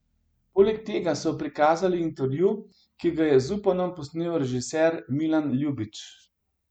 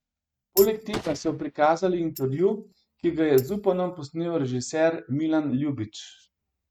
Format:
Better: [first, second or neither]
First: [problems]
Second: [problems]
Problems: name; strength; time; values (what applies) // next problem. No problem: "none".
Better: first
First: none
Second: noise reduction (neural mask model RNNoise)